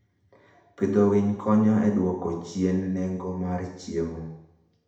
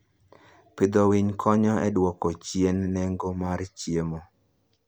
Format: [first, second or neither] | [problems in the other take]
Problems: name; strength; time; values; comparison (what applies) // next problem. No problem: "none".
second | room echo; dies away in 0.8 s